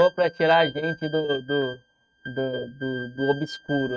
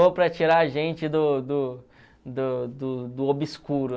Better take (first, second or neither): second